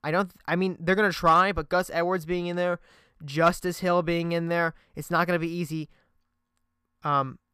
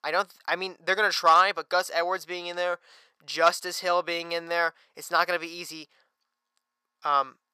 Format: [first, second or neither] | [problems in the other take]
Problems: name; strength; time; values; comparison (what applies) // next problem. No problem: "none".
first | thin; very; fading below 650 Hz